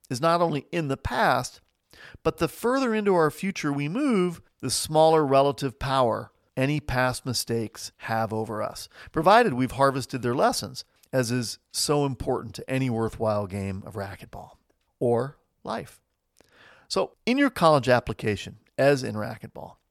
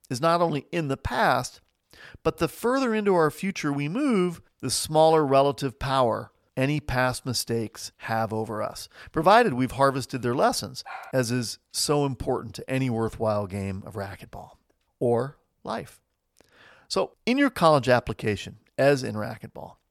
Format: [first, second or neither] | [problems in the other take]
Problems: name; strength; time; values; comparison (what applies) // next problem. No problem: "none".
first | dog barking; faint; at 11 s; peak 15 dB below the speech